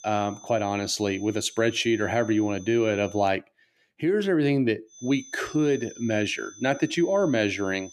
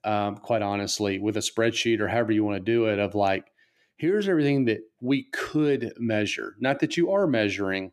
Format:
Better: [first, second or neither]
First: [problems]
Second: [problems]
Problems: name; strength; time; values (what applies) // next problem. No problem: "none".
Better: second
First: high-pitched whine; noticeable; until 3.5 s and from 5 s on; 6 kHz, 20 dB below the speech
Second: none